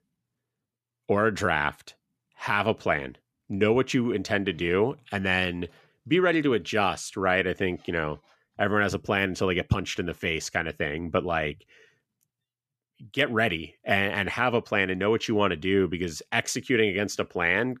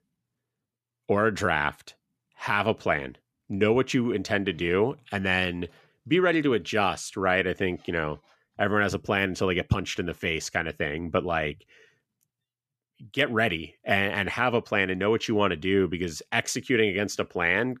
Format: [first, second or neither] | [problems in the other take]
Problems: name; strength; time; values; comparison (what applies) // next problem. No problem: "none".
neither | none